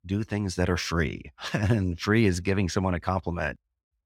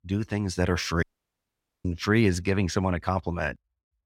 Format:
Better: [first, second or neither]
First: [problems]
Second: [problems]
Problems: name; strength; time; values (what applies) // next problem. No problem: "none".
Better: first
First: none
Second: audio cutting out; at 1 s for 1 s